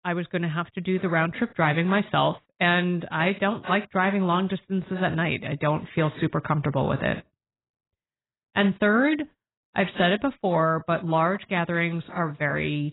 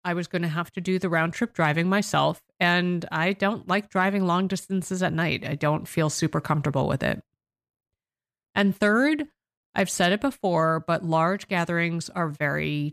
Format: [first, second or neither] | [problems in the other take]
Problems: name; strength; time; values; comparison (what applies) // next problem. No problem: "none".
second | garbled, watery; badly; nothing above 4 kHz